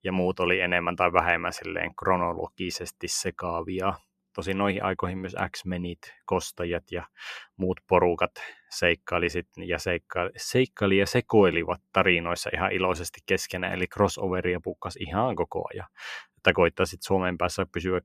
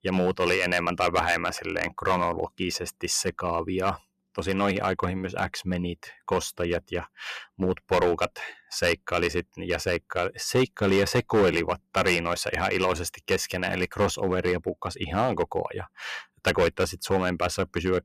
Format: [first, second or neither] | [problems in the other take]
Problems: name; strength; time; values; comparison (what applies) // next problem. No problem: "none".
first | distortion; heavy; 4% of the sound clipped